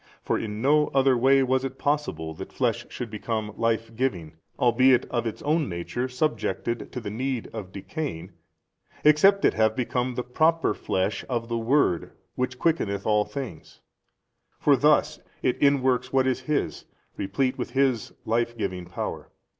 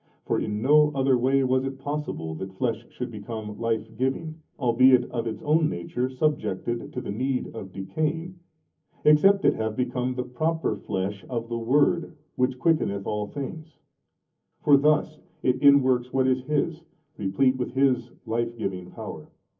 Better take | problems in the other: first | room echo; dies away in 0.3 s

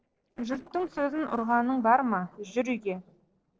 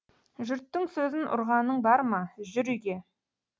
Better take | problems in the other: second | noise reduction (neural separator model SepFormer DNS4)

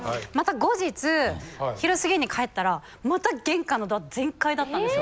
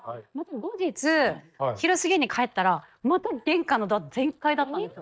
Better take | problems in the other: first | noise reduction (neural mask model DeepFilterNet 3)

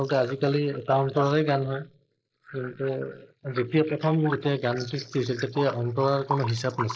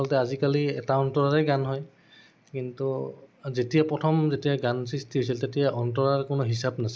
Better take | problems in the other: second | noise reduction (neural mask model Resemble Enhance denoiser)

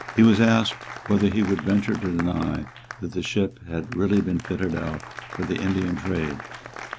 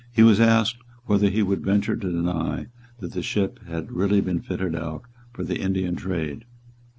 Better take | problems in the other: second | background sound (Applause); 15 dB below the speech

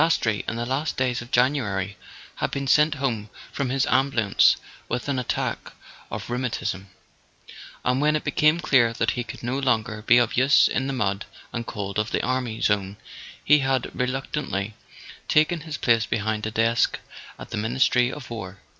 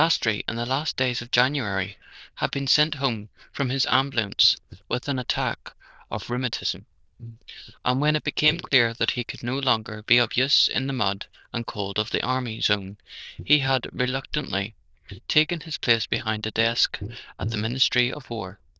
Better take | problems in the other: first | noise reduction (neural diffusion model UNIVERSE++)

